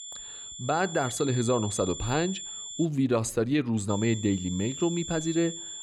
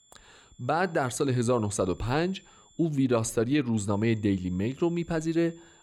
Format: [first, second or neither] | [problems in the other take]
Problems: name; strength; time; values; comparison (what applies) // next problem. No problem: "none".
second | high-pitched whine; loud; until 3 s and from 4 s on; 7.5 kHz, 9 dB below the speech; faint in the second